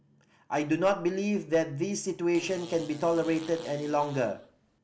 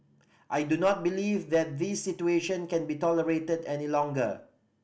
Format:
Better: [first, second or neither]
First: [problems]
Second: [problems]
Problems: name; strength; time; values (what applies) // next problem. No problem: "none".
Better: second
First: background sound (Fart); 19 dB below the speech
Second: none